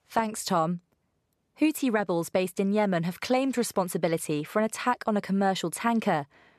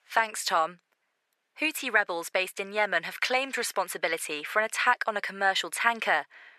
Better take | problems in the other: first | thin; very; fading below 600 Hz

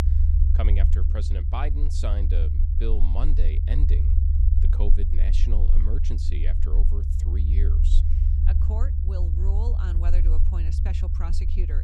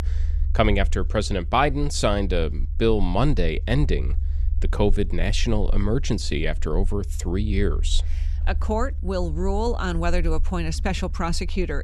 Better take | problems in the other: second | low rumble; loud; throughout; 2 dB below the speech; faint in the second

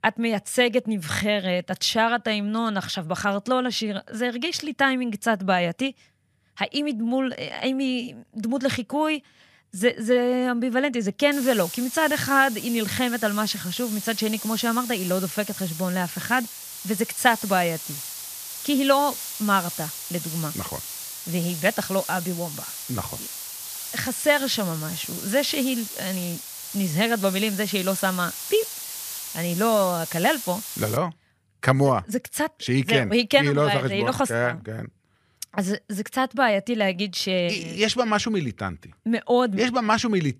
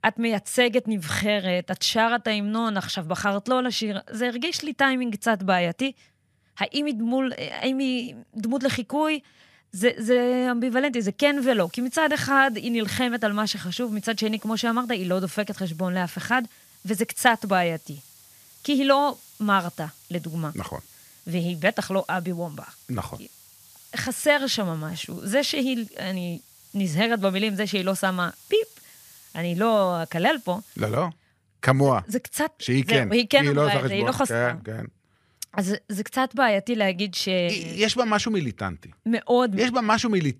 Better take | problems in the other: second | hiss; loud; from 11 to 31 s; 8 dB below the speech; faint in the second

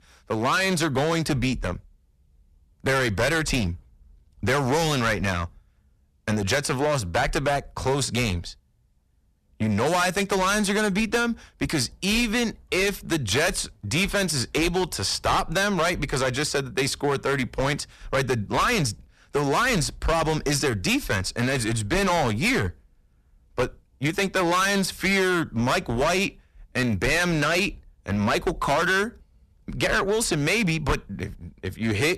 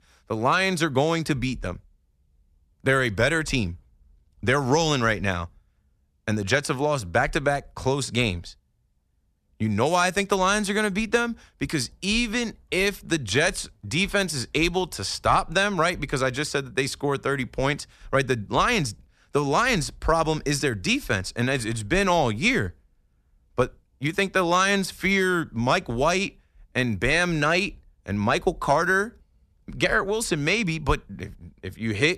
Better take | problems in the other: second | distortion; heavy; 13% of the sound clipped

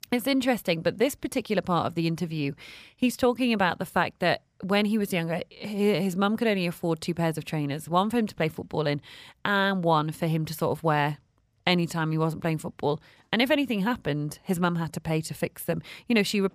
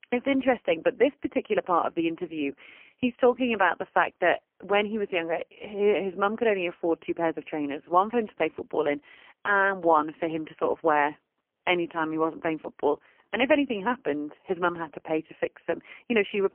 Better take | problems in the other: first | phone-call audio; poor line; nothing above 3 kHz

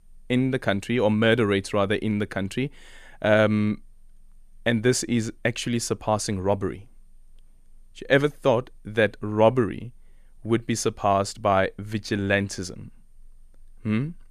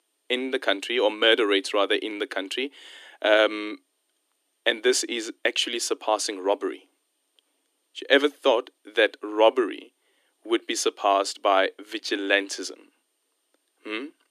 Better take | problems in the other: first | thin; somewhat; fading below 300 Hz

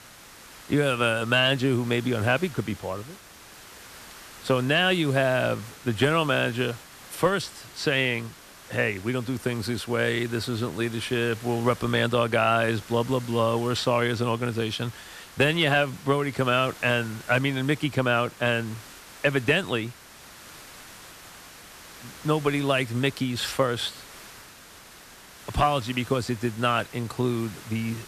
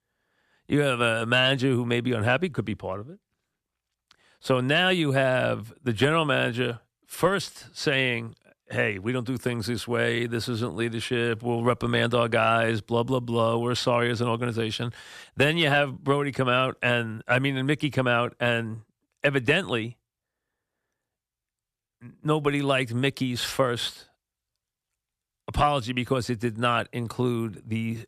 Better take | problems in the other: second | hiss; noticeable; throughout; 20 dB below the speech

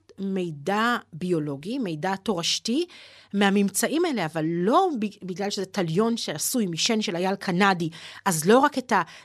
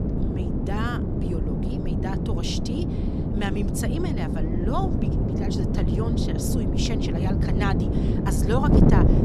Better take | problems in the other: first | wind noise on the microphone; heavy; 1 dB above the speech

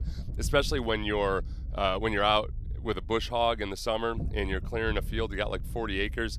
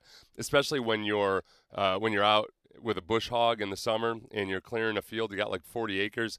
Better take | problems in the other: second | low rumble; faint; throughout; 25 dB below the speech

